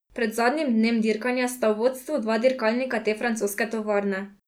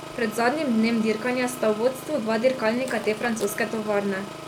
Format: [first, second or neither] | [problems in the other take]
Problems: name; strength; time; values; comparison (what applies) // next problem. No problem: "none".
first | background sound (Engine); 12 dB below the speech